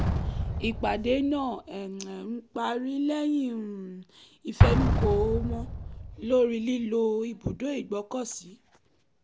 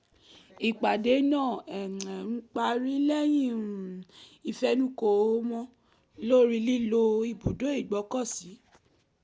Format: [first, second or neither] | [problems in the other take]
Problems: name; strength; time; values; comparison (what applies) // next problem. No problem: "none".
second | background sound (Explosion); 1 dB below the speech